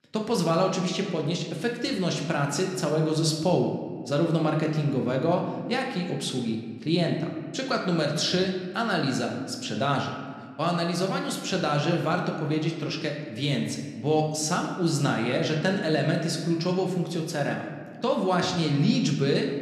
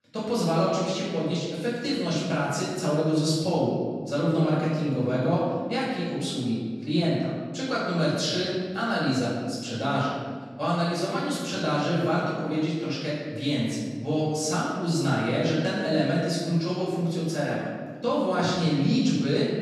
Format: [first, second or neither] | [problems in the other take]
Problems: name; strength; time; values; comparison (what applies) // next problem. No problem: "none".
first | room echo; strong; dies away in 1.5 s; slight in the first // off-mic speech; far